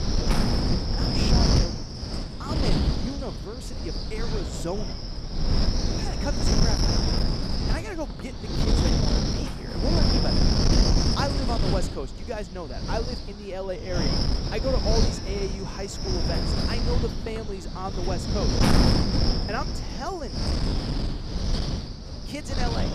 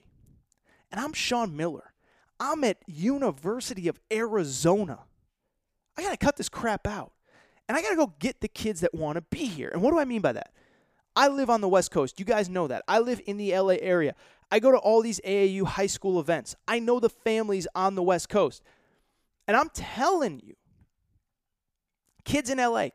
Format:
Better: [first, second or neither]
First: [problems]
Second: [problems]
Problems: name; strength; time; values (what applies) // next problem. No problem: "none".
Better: second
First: wind noise on the microphone; heavy; 4 dB above the speech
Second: none